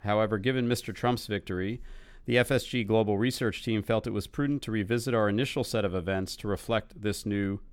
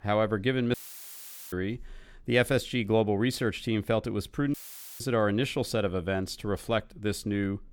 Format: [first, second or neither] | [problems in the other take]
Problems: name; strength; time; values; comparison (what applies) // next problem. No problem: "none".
first | audio cutting out; filled with static; at 0.5 s for 1 s and at 4.5 s